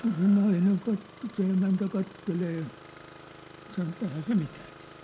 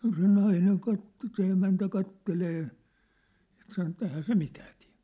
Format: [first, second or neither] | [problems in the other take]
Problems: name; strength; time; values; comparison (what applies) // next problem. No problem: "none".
second | background sound (Engine starting); 20 dB below the speech